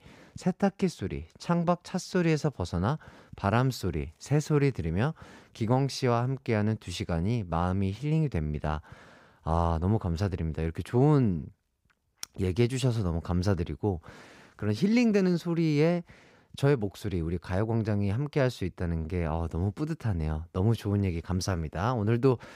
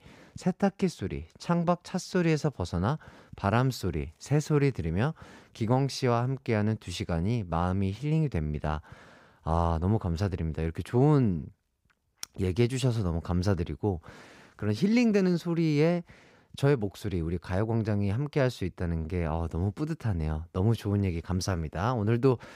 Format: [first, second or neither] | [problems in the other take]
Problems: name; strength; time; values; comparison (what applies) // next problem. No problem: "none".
neither | none